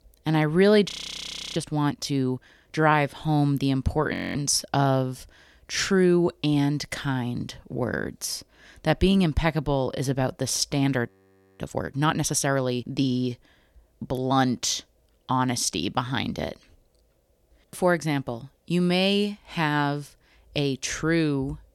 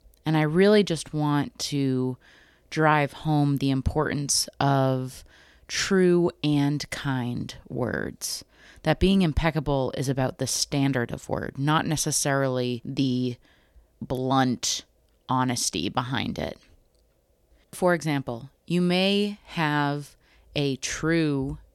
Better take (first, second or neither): second